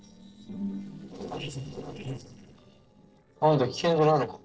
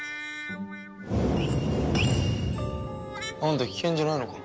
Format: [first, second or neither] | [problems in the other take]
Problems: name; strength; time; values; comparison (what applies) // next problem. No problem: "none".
second | noise reduction (neural separator model SepFormer DNS4)